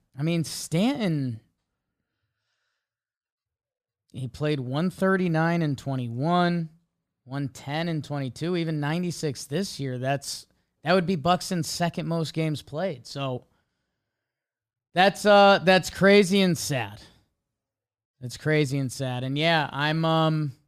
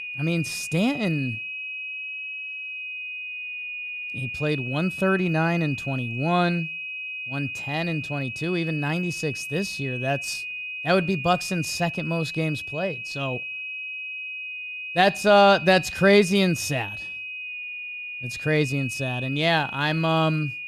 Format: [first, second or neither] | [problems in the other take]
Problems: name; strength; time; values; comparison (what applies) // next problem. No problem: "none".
first | high-pitched whine; loud; throughout; 2.5 kHz, 7 dB below the speech